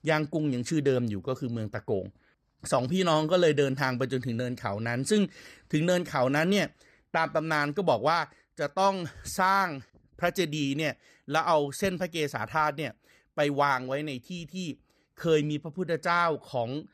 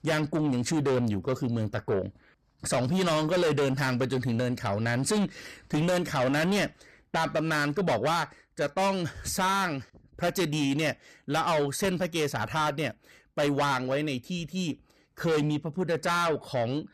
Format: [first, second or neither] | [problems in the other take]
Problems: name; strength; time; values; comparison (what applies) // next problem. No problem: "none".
first | distortion; heavy; 7 dB below the speech